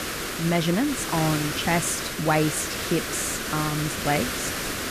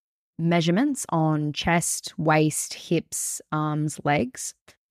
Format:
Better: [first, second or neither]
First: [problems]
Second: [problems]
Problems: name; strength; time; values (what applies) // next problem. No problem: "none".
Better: second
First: hiss; loud; throughout; 2 dB below the speech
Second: none